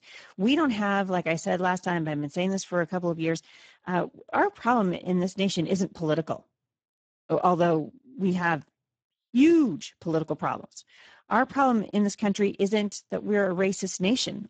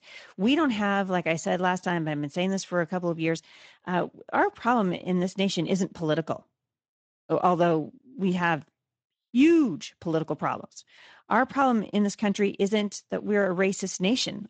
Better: second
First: garbled, watery; badly; nothing above 7.5 kHz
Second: garbled, watery; slightly; nothing above 7.5 kHz

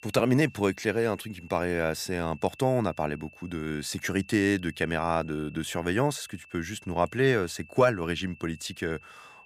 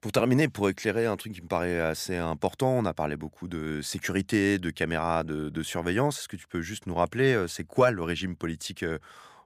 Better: second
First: high-pitched whine; faint; throughout; 2.5 kHz, 25 dB below the speech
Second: none

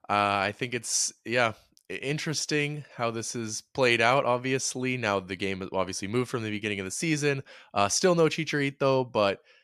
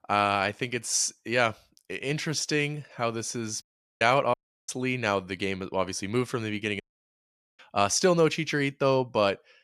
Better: first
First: none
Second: audio cutting out; at 3.5 s, at 4.5 s and at 7 s for 1 s

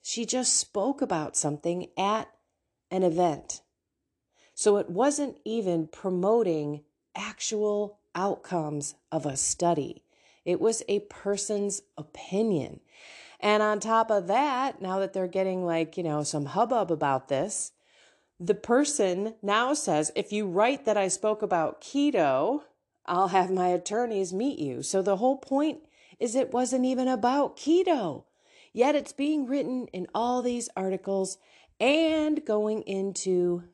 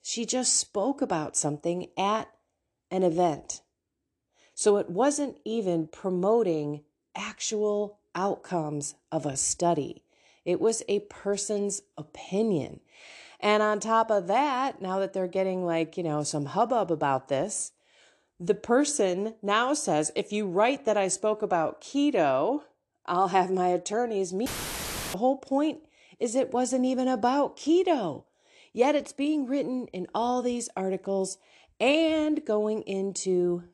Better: first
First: none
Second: audio cutting out; filled with static; at 24 s for 0.5 s

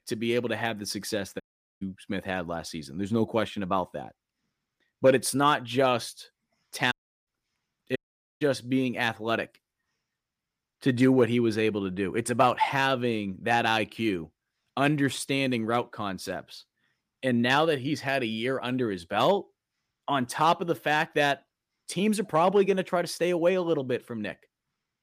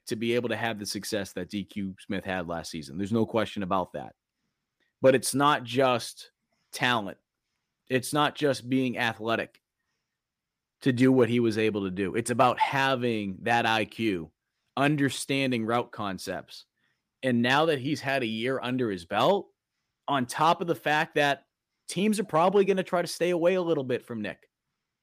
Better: second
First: audio cutting out; at 1.5 s, at 7 s and at 8 s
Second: none

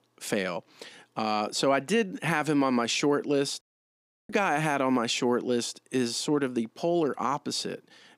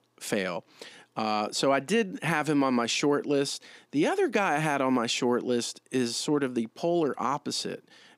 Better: second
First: audio cutting out; at 3.5 s for 0.5 s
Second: none

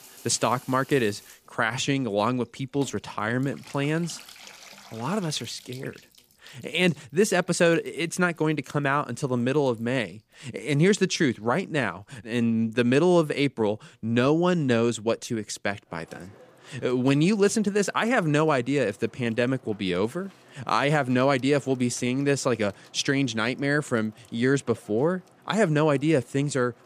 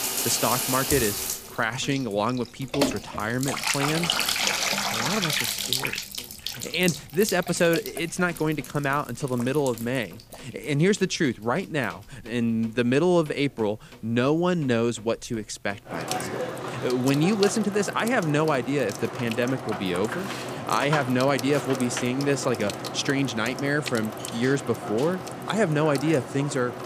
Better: first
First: household noises; faint; throughout; 25 dB below the speech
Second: household noises; loud; throughout; 4 dB below the speech

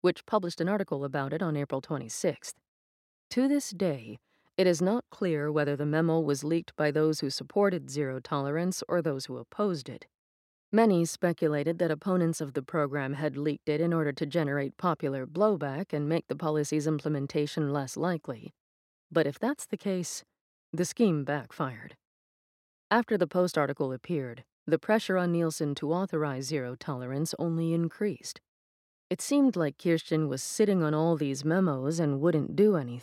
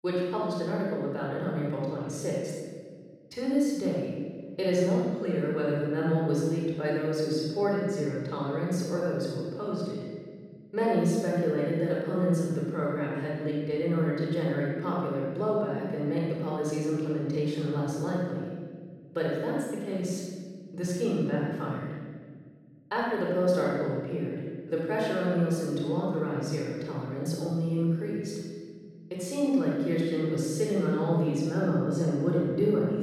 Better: first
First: none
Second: room echo; strong; dies away in 1.7 s // off-mic speech; far

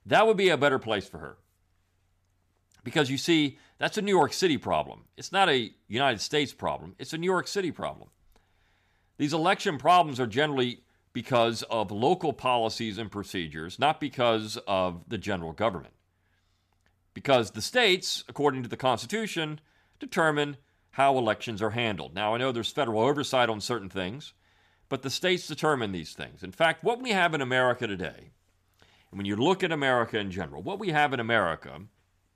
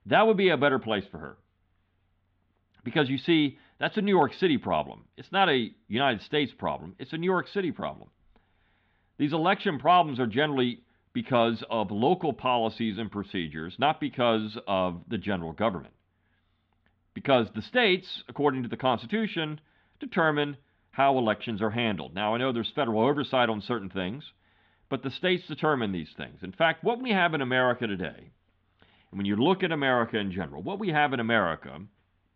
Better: first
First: none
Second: muffled; very; fading above 3.5 kHz

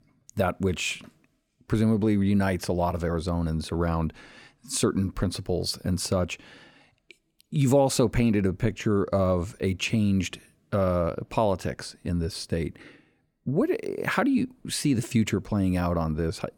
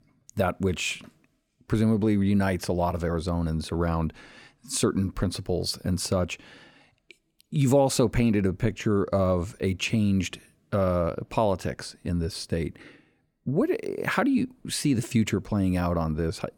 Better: neither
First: none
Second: none

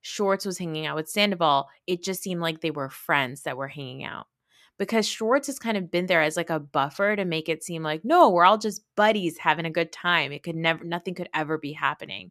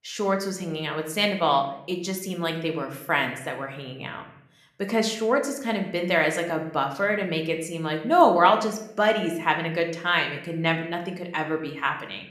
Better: first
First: none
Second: room echo; slight; dies away in 0.6 s

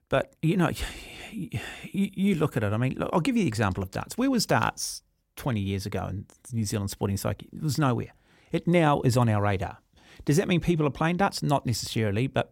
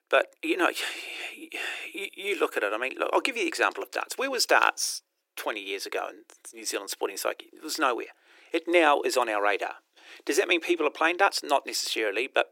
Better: first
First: none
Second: thin; very; fading below 350 Hz

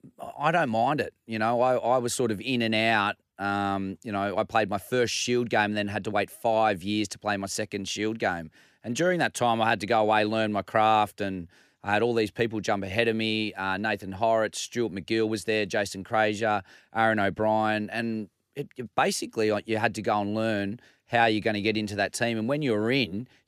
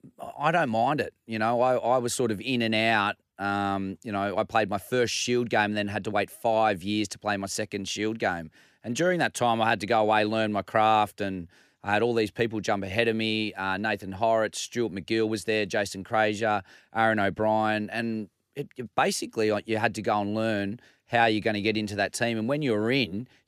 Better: neither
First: none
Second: none

